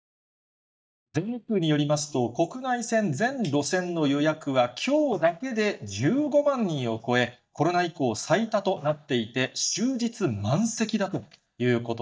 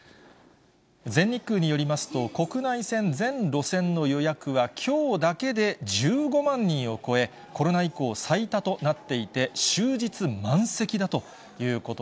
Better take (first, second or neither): second